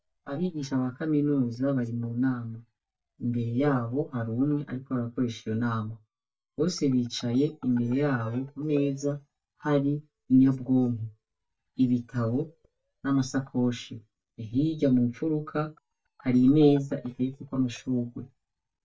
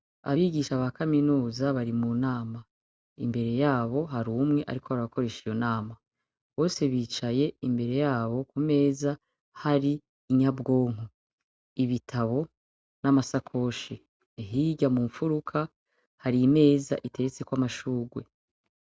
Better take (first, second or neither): second